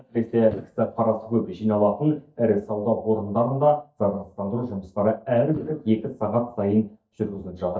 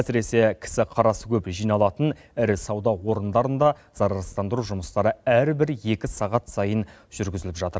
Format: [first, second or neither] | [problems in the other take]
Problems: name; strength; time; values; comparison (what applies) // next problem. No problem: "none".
second | noise reduction (neural mask model DeepFilterNet 3)